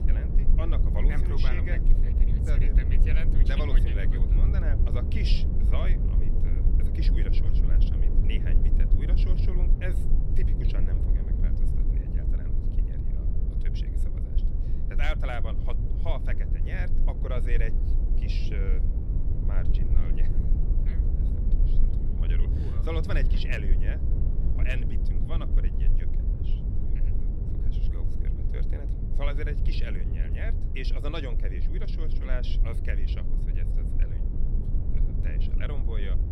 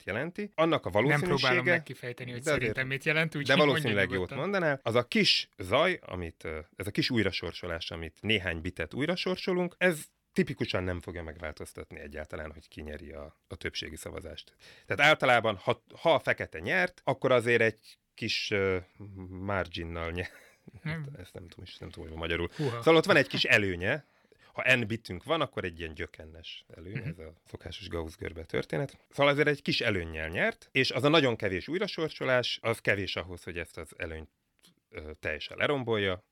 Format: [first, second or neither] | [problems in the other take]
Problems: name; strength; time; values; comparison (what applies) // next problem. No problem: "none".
second | low rumble; loud; throughout; 4 dB below the speech